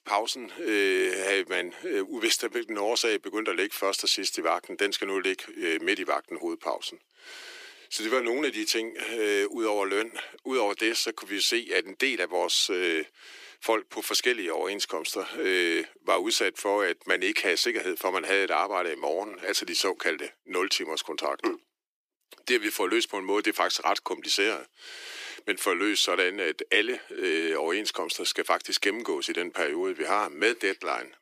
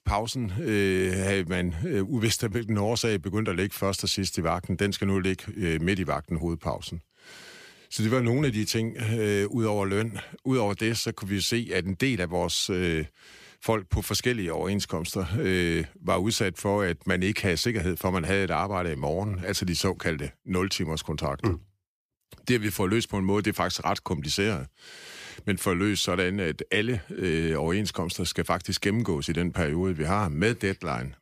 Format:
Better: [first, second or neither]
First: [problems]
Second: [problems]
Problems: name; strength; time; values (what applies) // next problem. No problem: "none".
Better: second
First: thin; very; fading below 300 Hz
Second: none